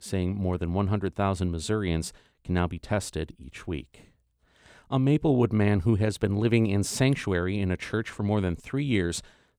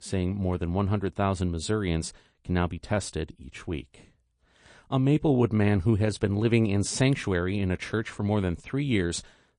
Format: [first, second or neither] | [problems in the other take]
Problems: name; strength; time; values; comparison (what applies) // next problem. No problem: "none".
first | garbled, watery; slightly; nothing above 10 kHz